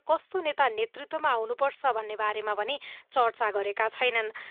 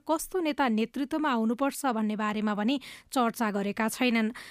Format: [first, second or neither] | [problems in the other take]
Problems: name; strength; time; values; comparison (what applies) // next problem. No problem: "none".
second | phone-call audio; nothing above 3.5 kHz